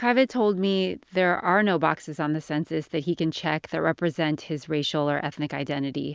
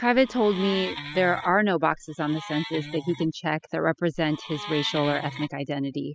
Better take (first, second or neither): first